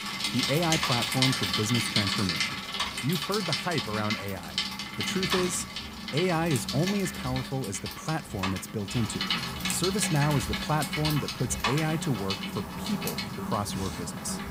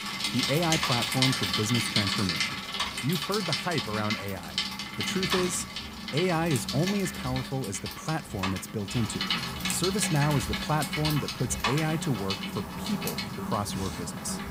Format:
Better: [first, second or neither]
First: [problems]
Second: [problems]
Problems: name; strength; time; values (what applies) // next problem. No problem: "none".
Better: neither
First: traffic noise; very loud; throughout; as loud as the speech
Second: traffic noise; very loud; throughout; as loud as the speech